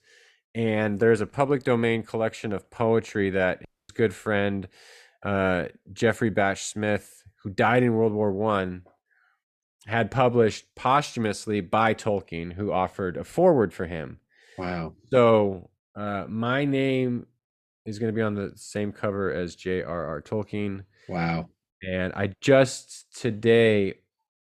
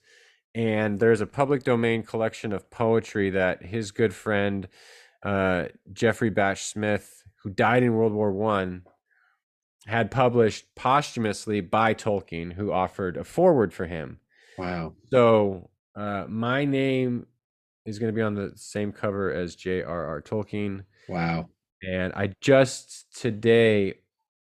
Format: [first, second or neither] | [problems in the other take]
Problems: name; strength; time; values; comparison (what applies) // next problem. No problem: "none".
second | audio cutting out; at 3.5 s